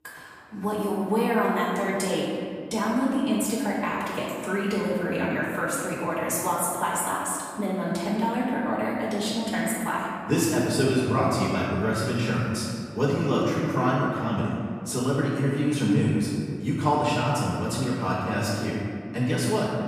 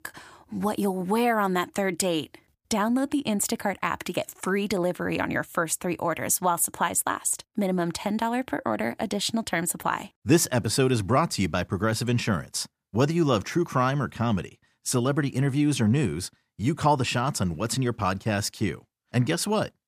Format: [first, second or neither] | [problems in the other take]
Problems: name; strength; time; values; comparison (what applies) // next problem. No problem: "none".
second | room echo; strong; dies away in 2 s // off-mic speech; far